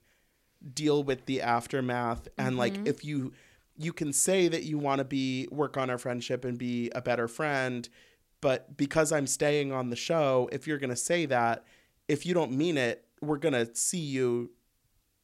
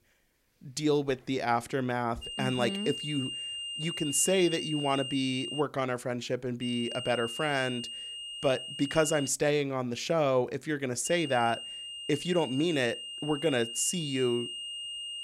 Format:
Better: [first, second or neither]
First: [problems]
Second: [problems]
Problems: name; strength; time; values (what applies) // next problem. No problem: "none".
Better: first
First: none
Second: high-pitched whine; loud; from 2 to 5.5 s, from 6.5 to 9.5 s and from 11 s on; 3 kHz, 7 dB below the speech